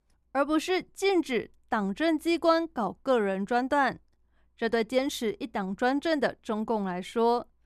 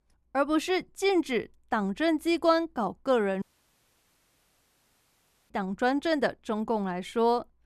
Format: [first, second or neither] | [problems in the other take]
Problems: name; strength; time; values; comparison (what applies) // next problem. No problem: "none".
first | audio cutting out; at 3.5 s for 2 s